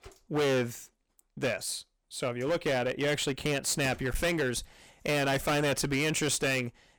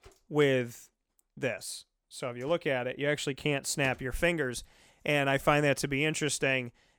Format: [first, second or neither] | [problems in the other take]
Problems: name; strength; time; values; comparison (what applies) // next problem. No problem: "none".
second | distortion; heavy; 15% of the sound clipped